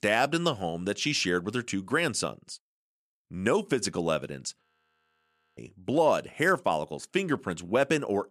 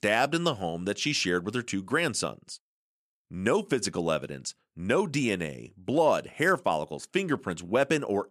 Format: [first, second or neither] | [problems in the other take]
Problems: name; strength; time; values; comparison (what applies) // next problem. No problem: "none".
second | audio freezing; at 4.5 s for 1 s